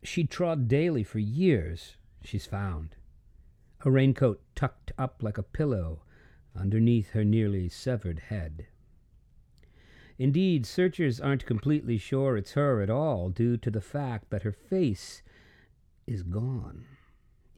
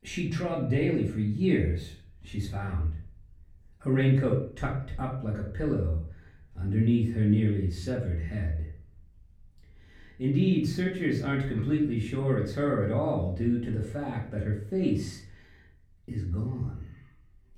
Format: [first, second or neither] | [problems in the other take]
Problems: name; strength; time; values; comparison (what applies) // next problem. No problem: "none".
first | off-mic speech; far // room echo; slight; dies away in 0.4 s